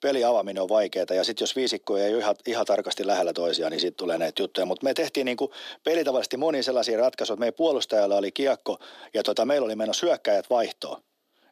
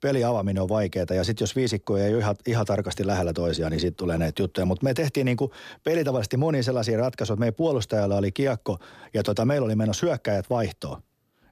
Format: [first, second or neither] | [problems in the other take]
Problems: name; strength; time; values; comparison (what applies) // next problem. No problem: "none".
second | thin; somewhat; fading below 300 Hz